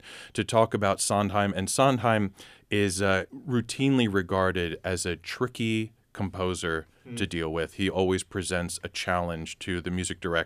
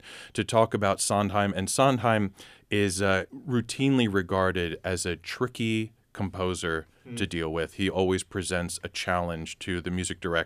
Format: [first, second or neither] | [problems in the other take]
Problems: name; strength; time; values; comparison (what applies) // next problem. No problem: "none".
neither | none